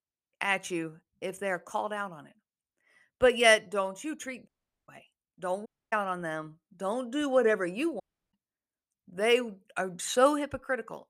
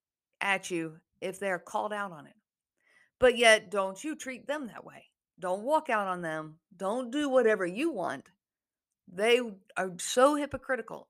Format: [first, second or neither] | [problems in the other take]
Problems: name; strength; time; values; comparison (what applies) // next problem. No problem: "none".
second | audio cutting out; at 4.5 s, at 5.5 s and at 8 s